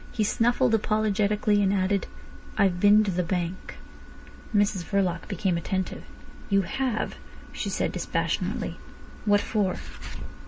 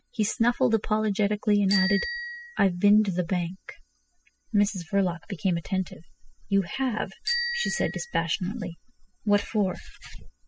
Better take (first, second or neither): first